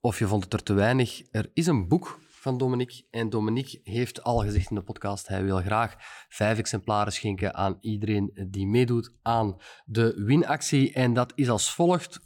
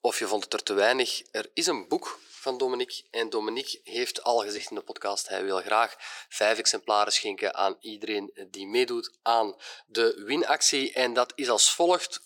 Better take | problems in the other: first | thin; very; fading below 400 Hz

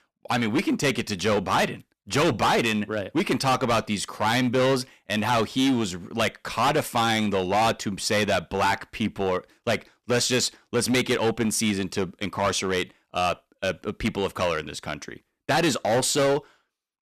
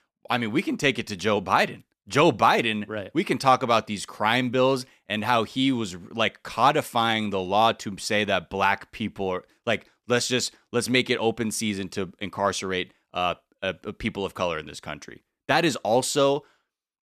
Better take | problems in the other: second | distortion; heavy; 11% of the sound clipped

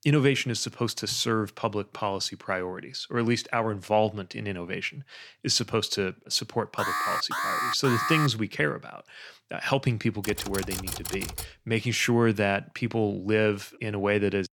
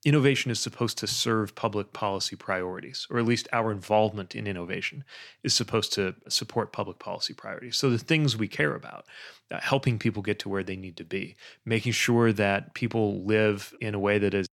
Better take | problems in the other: second | alarm; loud; from 7 to 8.5 s; peak 1 dB above the speech // keyboard typing; noticeable; from 10 to 11 s; peak 5 dB below the speech

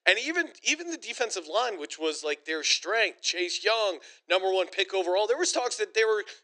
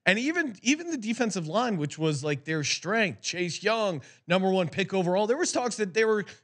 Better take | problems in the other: second | thin; very; fading below 350 Hz

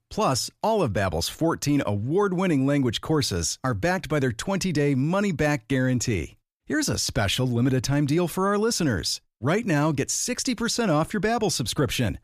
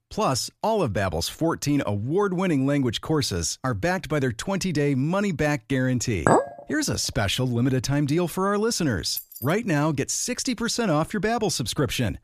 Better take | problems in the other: first | clattering dishes; loud; at 6.5 s; peak 3 dB above the speech // jangling keys; noticeable; at 9 s; peak 10 dB below the speech

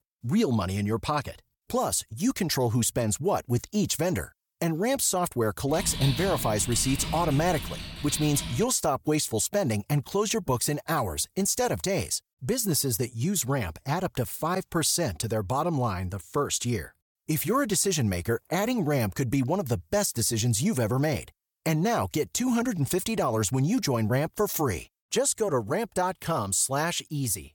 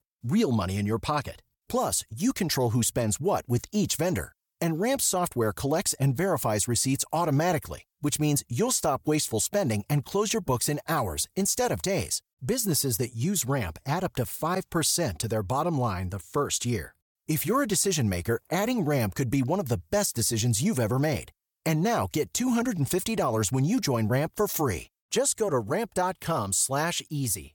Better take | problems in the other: second | keyboard typing; noticeable; from 5.5 to 8.5 s; peak 4 dB below the speech

